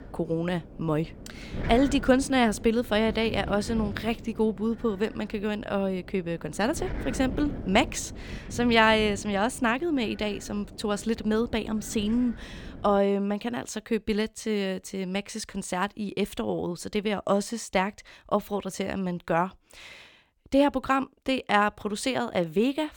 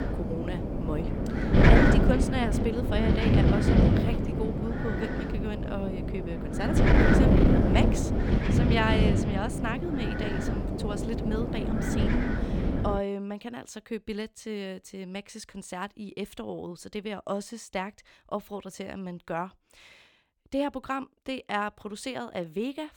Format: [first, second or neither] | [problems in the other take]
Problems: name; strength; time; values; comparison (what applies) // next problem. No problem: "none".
first | wind noise on the microphone; heavy; until 13 s; 4 dB above the speech; occasional gusts in the first